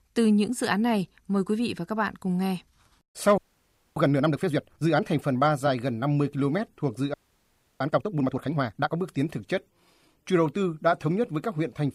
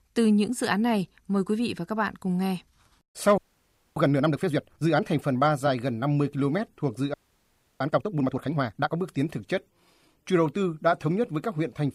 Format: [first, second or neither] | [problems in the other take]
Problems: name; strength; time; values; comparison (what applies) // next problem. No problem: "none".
neither | audio freezing; at 3.5 s for 0.5 s and at 7 s for 0.5 s; the same in both